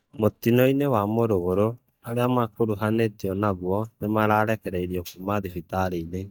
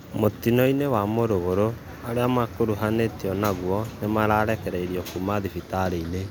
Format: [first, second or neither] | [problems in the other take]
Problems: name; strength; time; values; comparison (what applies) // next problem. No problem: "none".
second | noise reduction (neural mask model DeepFilterNet 3)